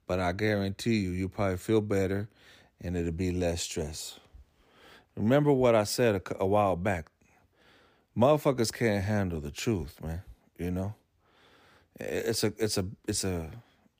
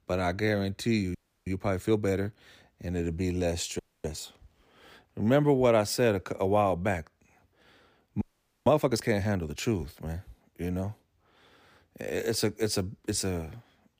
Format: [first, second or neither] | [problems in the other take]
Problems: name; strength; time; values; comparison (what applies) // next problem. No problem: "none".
first | audio freezing; at 1 s, at 4 s and at 8 s